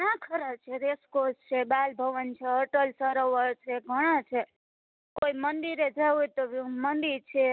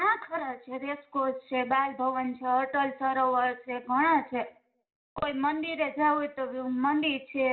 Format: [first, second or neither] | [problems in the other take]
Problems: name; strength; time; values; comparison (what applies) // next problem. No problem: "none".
first | room echo; dies away in 0.4 s